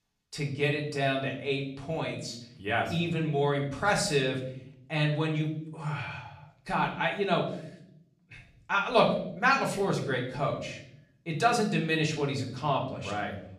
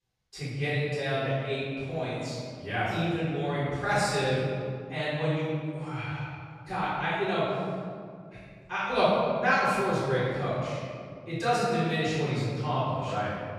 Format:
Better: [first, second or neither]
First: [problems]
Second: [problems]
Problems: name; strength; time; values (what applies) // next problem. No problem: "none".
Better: first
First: room echo; slight; dies away in 0.7 s // off-mic speech; far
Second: room echo; strong; dies away in 2.2 s // off-mic speech; far